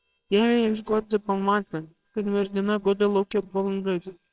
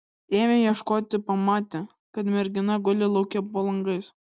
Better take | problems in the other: second | noise reduction (neural separator model SepFormer WHAMR!)

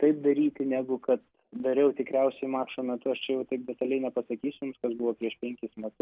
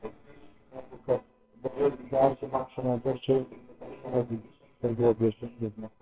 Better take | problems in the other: first | noise reduction (neural separator model SepFormer WHAMR!)

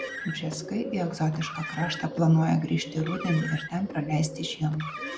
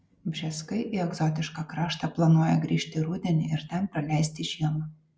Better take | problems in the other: second | background sound (Bird + Car); 10 dB below the speech

